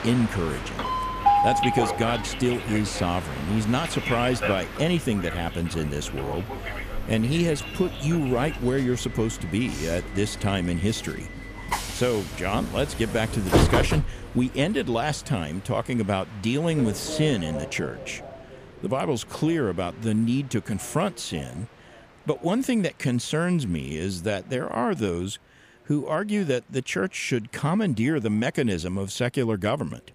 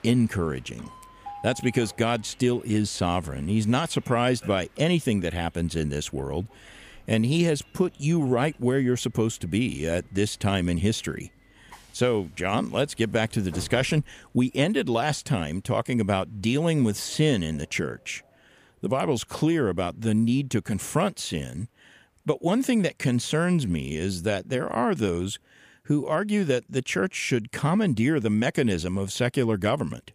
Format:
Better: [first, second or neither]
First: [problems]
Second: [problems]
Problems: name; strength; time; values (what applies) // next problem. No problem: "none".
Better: second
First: train or aircraft noise; loud; throughout; 4 dB below the speech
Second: train or aircraft noise; faint; throughout; 25 dB below the speech